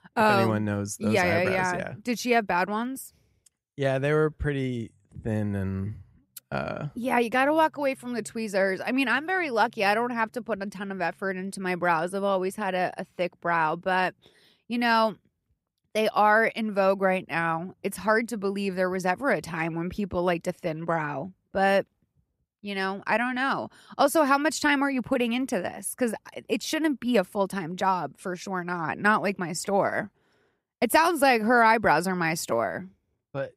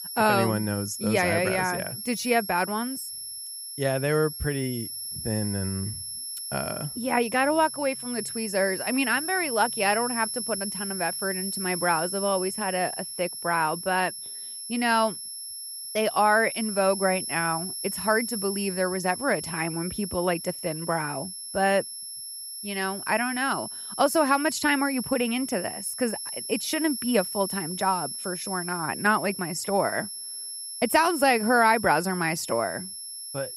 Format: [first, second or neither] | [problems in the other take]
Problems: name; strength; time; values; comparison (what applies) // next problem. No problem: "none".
first | high-pitched whine; loud; throughout; 11 kHz, 6 dB below the speech